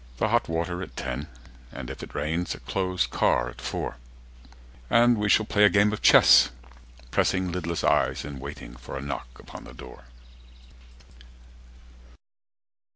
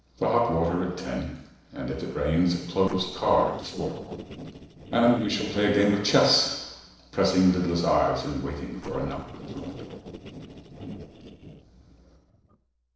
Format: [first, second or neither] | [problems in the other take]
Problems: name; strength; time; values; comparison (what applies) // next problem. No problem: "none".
first | noise reduction (neural separator model SepFormer DNS4)